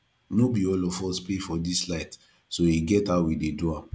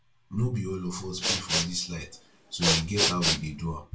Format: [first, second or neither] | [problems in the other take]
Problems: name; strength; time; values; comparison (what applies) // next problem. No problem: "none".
first | background sound (Respiratory sounds); 1 dB above the speech // room echo; dies away in 0.2 s